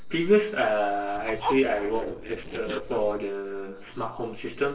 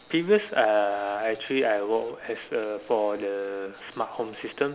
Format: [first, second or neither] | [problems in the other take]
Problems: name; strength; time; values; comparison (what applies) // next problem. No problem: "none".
second | noise reduction (neural separator model SepFormer DNS4)